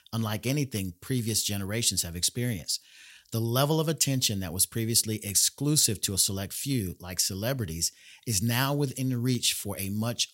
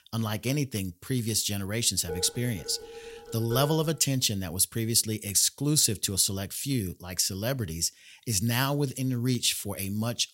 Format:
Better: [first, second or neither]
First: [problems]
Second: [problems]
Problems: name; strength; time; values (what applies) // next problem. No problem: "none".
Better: first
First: none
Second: clattering dishes; faint; from 2 to 4 s; peak 10 dB below the speech